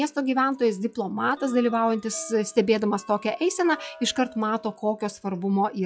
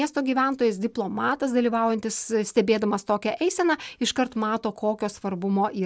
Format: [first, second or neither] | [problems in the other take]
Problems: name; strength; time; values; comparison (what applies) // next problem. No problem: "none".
second | noise reduction (classical method log-MMSE)